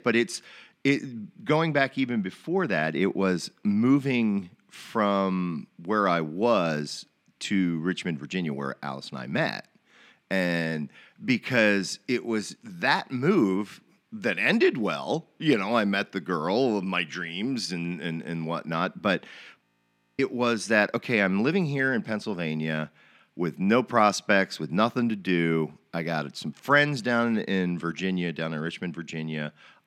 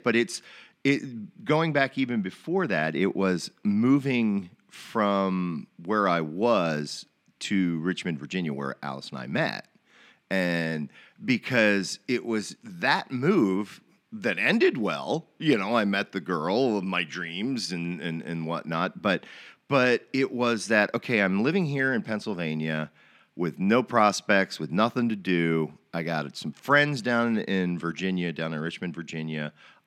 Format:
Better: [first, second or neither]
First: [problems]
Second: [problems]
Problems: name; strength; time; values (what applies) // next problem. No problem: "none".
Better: second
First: audio freezing; at 20 s for 0.5 s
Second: none